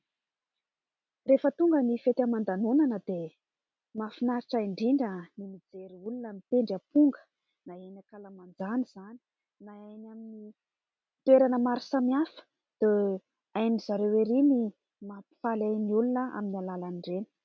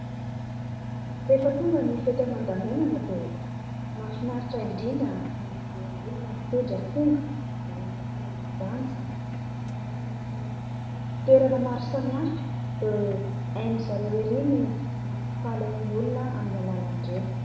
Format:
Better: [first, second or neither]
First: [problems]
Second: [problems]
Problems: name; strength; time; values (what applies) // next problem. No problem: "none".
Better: first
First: none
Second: background sound (Engine); 3 dB below the speech // room echo; dies away in 0.9 s